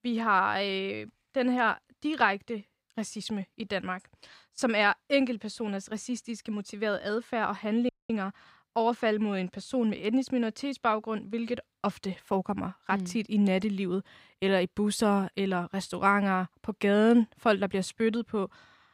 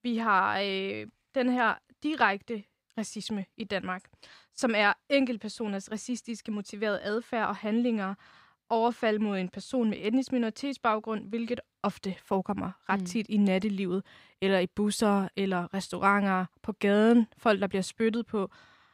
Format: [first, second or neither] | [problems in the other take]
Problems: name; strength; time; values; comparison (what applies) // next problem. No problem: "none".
second | audio freezing; at 8 s